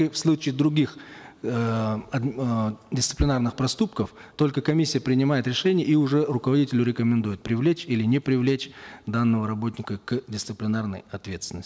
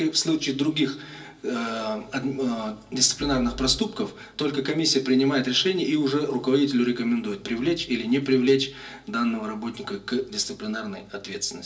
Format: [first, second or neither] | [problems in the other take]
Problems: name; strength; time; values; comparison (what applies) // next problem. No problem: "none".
first | room echo; dies away in 0.3 s